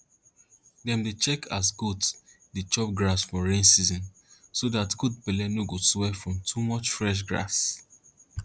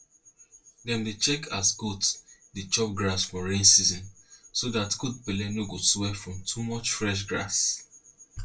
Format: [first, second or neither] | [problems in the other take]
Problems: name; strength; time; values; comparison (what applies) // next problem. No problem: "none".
first | room echo; dies away in 0.2 s